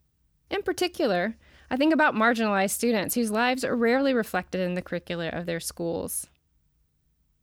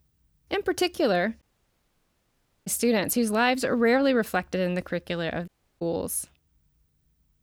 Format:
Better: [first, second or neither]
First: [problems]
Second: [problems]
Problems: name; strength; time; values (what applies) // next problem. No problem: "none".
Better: first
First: none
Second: audio cutting out; at 1.5 s for 1 s and at 5.5 s